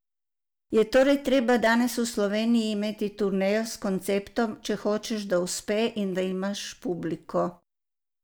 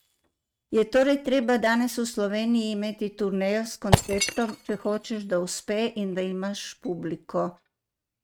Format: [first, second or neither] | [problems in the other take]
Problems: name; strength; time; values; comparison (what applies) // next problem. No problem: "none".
first | noise reduction (neural mask model RNNoise)